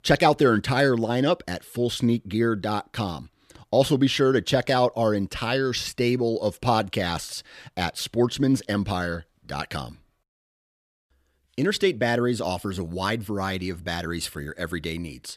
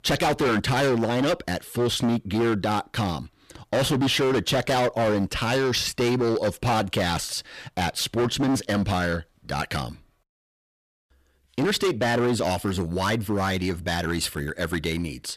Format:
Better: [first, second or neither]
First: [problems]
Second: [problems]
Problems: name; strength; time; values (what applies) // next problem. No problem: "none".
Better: first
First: none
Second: distortion; heavy; 16% of the sound clipped